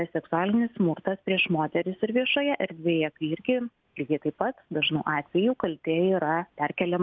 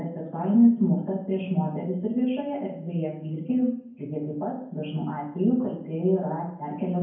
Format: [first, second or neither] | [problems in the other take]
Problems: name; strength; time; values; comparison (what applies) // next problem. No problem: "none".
first | room echo; dies away in 0.9 s